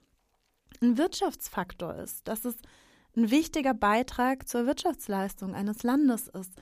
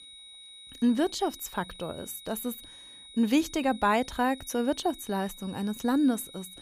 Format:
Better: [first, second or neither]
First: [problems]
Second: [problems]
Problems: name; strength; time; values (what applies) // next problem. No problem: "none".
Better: first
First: none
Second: high-pitched whine; noticeable; throughout; 4 kHz, 15 dB below the speech